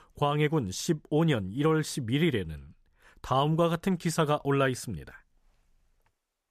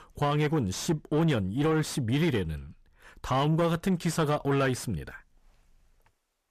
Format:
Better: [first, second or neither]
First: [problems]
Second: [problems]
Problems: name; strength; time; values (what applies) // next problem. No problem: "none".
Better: first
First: none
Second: distortion; slight; 10 dB below the speech